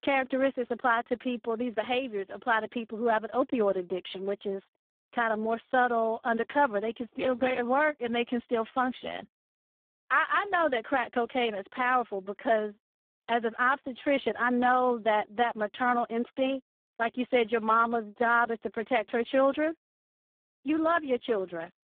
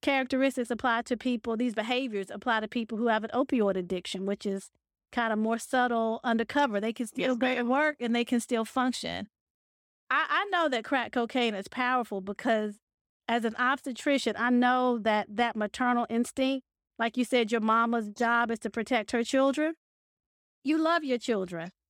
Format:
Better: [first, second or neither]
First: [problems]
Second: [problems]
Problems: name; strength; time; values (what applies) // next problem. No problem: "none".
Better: second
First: phone-call audio; poor line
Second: none